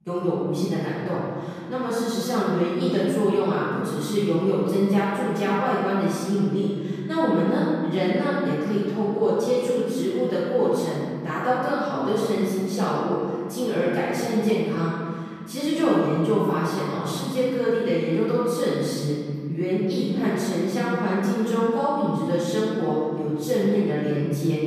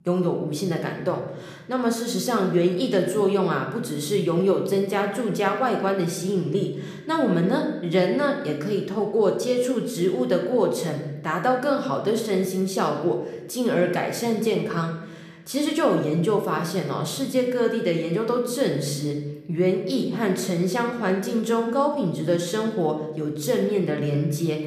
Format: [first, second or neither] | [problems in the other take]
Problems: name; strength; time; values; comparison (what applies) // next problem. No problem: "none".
second | room echo; strong; dies away in 2.3 s; slight in the second // off-mic speech; far